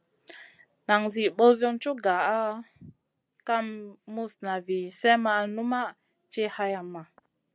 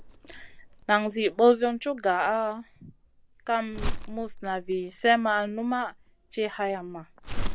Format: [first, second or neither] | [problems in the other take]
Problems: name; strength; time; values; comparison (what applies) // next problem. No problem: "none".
first | background sound (Crumpling, crinkling); 8 dB below the speech